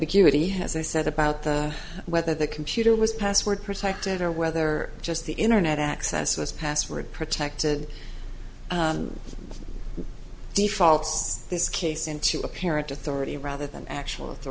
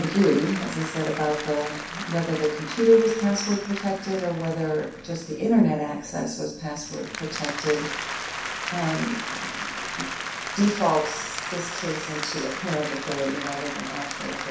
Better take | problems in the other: first | background sound (Applause); 8 dB below the speech // room echo; dies away in 0.6 s

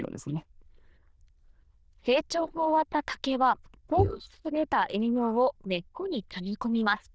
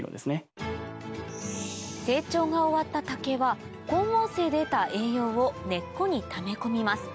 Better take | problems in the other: second | noise reduction (neural diffusion model UNIVERSE++)

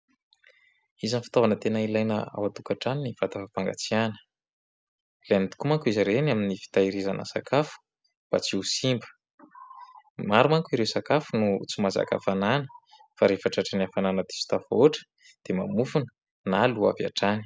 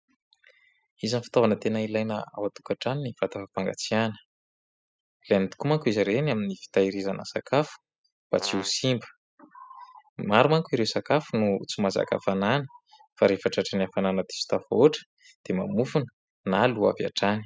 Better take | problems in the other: first | noise reduction (classical method spectral subtraction)

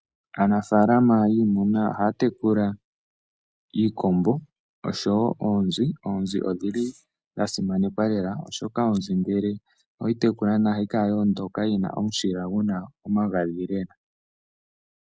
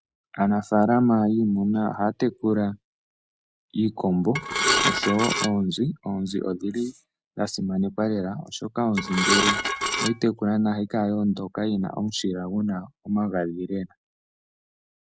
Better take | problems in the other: first | background sound (Dishes, pots, and pans / Glass); 1 dB above the speech

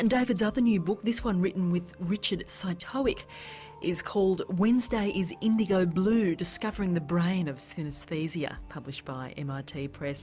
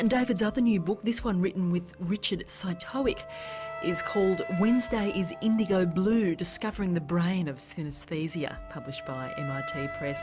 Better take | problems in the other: first | background sound (Wind instrument, woodwind instrument); 13 dB below the speech

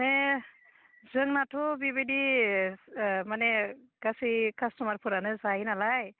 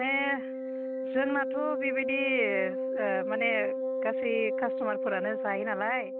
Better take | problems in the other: first | background sound (Wind instrument, woodwind instrument); as loud as the speech

